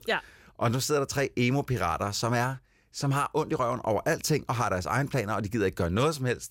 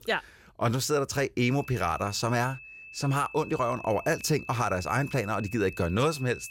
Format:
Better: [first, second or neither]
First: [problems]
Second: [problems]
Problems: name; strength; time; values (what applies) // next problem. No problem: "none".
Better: first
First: none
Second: high-pitched whine; noticeable; from 1.5 s on; 2.5 kHz, 15 dB below the speech